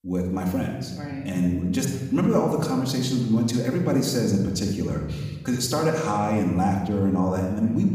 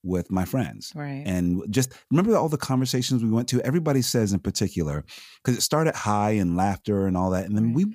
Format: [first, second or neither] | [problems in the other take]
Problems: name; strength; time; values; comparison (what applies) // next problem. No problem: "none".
second | room echo; noticeable; dies away in 1.4 s // off-mic speech; somewhat distant